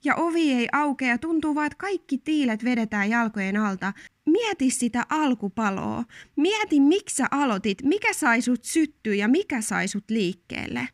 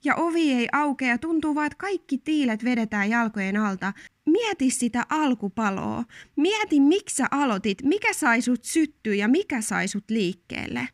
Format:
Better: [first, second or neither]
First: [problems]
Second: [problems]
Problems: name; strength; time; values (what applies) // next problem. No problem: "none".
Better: neither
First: none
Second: none